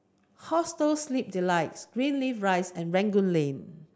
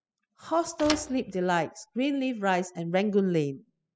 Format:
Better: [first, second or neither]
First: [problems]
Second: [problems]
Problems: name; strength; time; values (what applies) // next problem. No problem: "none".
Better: first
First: none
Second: noise reduction (classical method spectral subtraction)